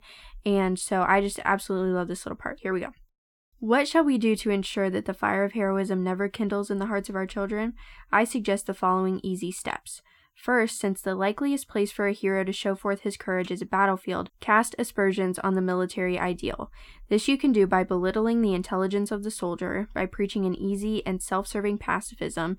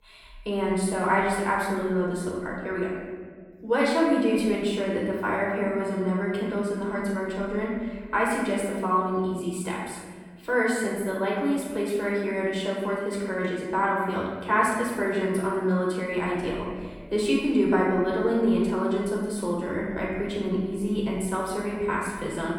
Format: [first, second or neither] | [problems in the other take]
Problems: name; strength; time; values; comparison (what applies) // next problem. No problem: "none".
first | off-mic speech; far // room echo; noticeable; dies away in 1.6 s